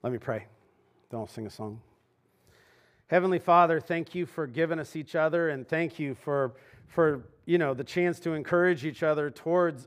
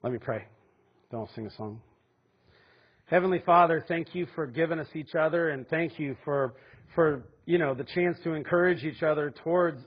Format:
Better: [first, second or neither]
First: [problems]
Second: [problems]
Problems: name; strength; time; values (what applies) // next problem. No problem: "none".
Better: first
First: none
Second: garbled, watery; badly; nothing above 5 kHz